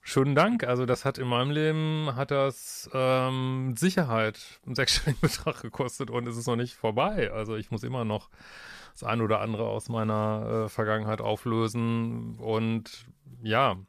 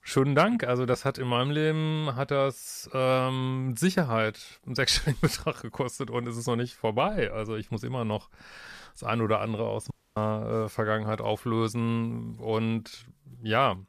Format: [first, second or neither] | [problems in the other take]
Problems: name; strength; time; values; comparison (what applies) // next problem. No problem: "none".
first | audio cutting out; at 10 s